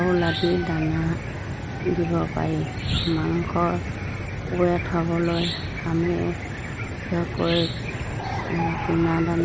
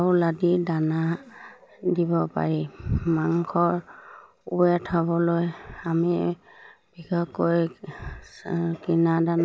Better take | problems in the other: second | background sound (Cricket / Chicken, rooster); 4 dB below the speech

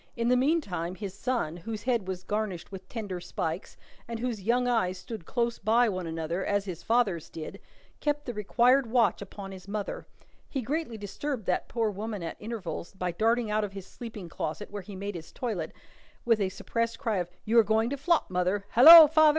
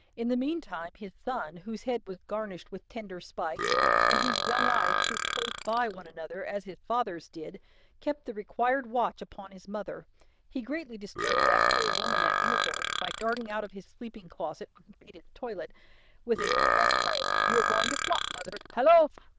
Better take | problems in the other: first | noise reduction (neural diffusion model UNIVERSE++)

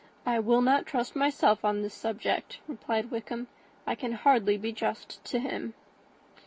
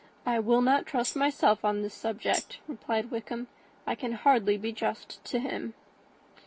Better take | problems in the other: first | background sound (Tambourine); 12 dB below the speech

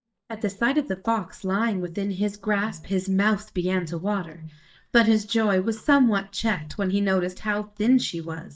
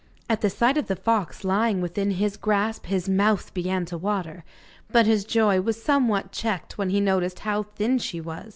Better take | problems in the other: second | noise reduction (neural mask model DeepFilterNet 3)

